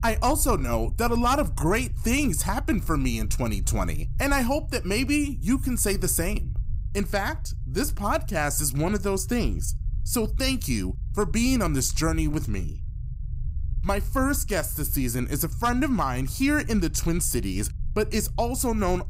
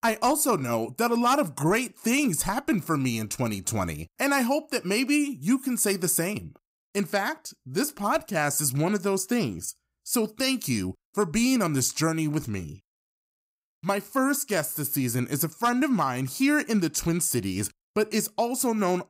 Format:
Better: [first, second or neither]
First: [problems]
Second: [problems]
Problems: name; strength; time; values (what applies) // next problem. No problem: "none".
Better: second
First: low rumble; faint; throughout; 25 dB below the speech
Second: none